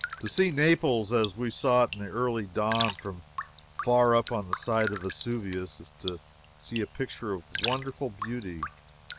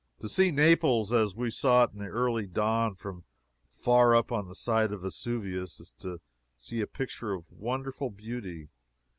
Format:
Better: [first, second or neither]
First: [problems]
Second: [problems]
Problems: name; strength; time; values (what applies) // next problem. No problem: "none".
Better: second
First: background sound (Raindrop); 11 dB below the speech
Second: none